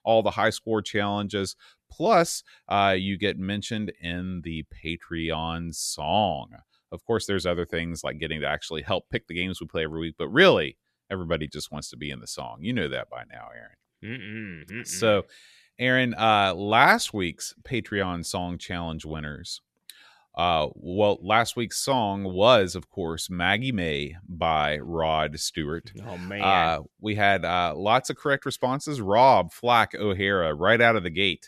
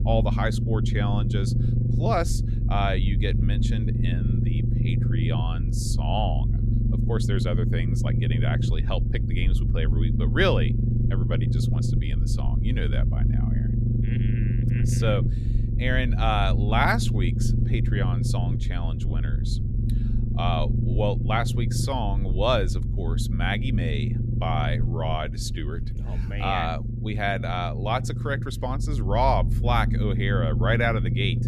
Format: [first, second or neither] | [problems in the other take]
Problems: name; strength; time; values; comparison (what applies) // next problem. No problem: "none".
first | low rumble; loud; throughout; 9 dB below the speech